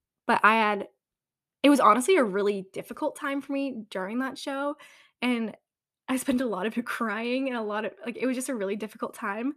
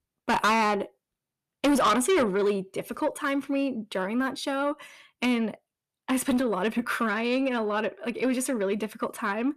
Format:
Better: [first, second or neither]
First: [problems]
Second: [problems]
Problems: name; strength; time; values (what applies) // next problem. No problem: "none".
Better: first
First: none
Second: distortion; heavy; 8 dB below the speech